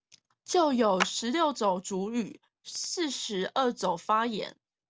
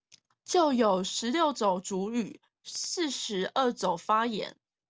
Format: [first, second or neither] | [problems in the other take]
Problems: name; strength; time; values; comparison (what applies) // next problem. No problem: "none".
second | background sound (Clapping); 9 dB below the speech